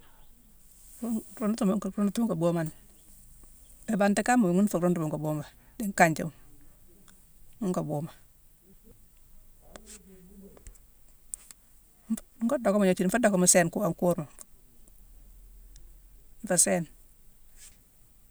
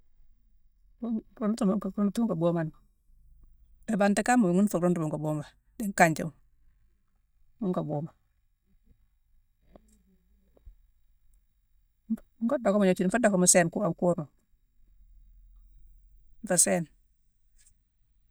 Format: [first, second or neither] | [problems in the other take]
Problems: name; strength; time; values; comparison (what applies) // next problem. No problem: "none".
first | noise reduction (neural mask model DeepFilterNet 3)